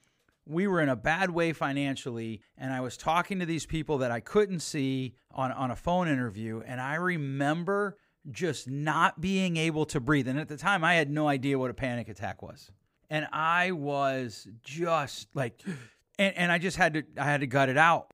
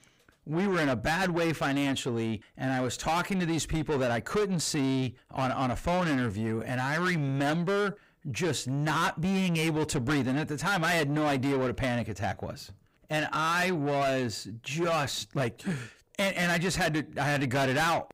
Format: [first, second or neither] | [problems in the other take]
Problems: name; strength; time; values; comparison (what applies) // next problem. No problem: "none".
first | distortion; heavy; 6 dB below the speech